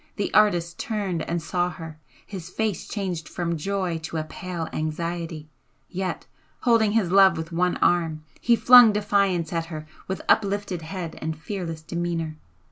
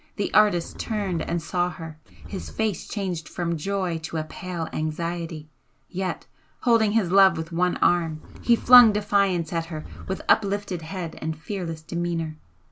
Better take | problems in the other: first | background sound (Livestock, farm animals, working animals); 16 dB below the speech

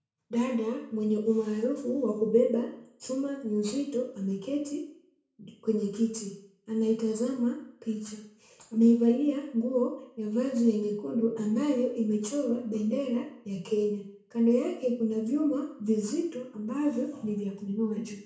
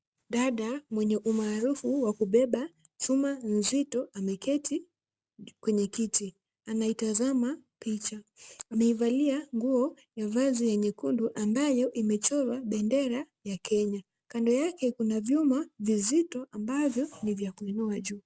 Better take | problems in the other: second | room echo; dies away in 0.6 s

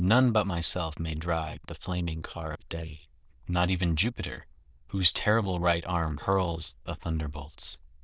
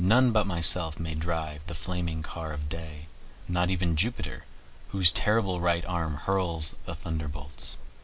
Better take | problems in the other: second | noise reduction (neural diffusion model UNIVERSE++)

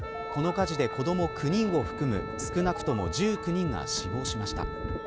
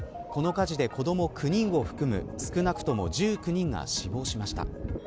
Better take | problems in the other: second | background sound (Wind instrument, woodwind instrument); 9 dB below the speech

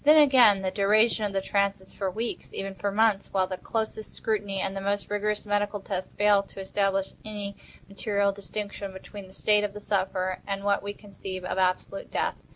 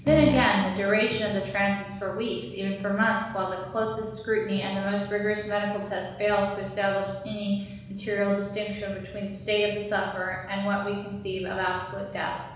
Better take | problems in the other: first | background sound (Fart); 2 dB below the speech // room echo; dies away in 1.1 s

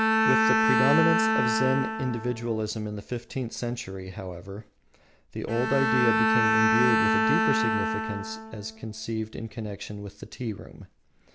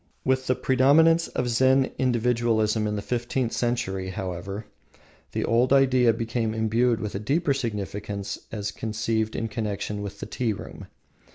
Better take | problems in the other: second | background sound (Bowed string instrument); 3 dB above the speech

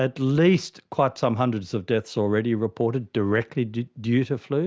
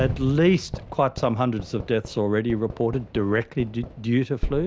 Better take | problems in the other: first | background sound (Fireworks); 10 dB below the speech

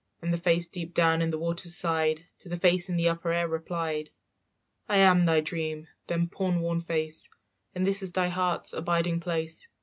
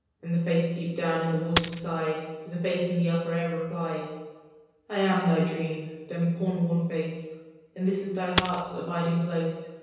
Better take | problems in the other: first | background sound (Coin (dropping)); 1 dB below the speech // room echo; dies away in 1.2 s

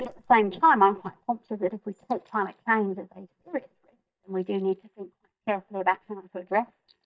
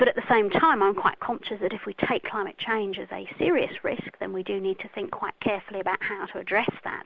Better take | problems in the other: second | noise reduction (neural mask model DeepFilterNet 3)

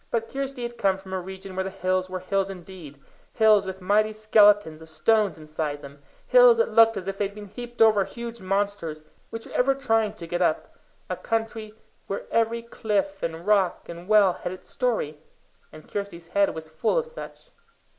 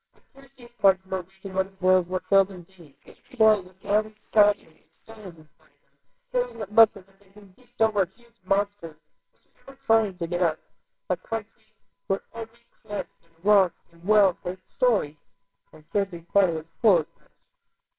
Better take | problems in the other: first | noise reduction (neural separator model SepFormer WHAMR!)

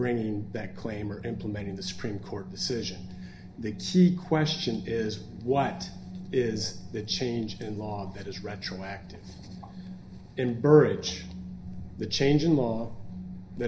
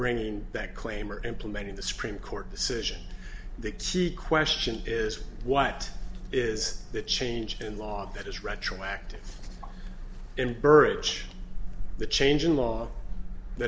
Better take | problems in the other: second | room echo; dies away in 0.5 s

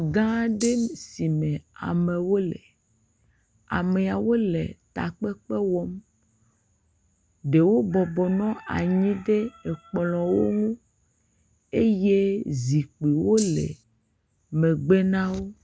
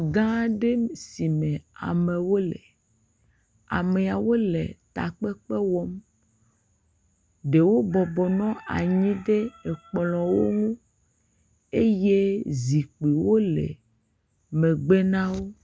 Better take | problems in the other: second | background sound (Rattle (instrument)); 12 dB below the speech

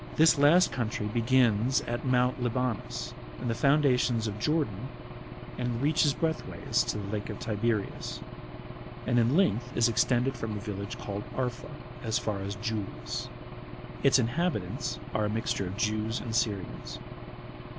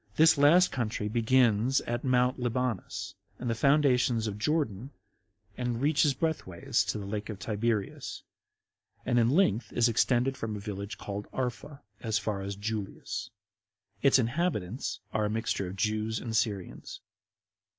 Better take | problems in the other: second | background sound (Engine / Aircraft); 11 dB below the speech

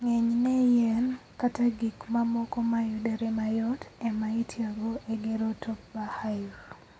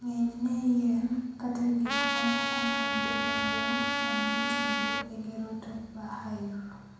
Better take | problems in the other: first | background sound (Trumpet); 2 dB above the speech // room echo; dies away in 0.9 s

